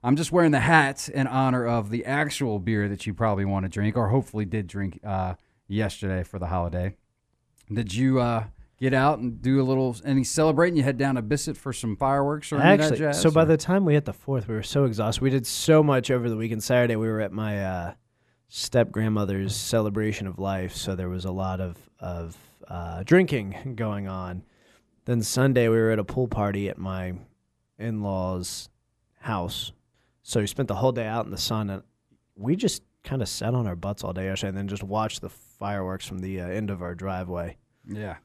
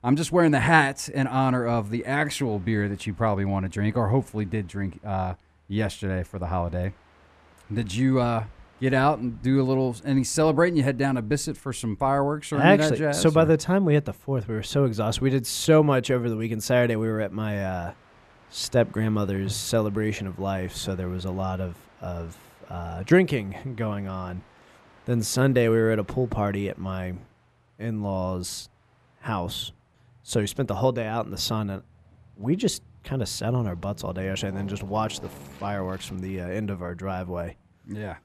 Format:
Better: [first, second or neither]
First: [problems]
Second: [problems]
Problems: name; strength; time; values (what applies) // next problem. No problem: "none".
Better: first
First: none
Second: train or aircraft noise; faint; throughout; 30 dB below the speech